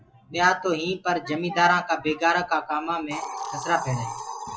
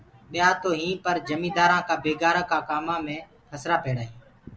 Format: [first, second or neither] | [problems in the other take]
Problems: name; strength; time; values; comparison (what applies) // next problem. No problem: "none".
second | noise reduction (classical method log-MMSE)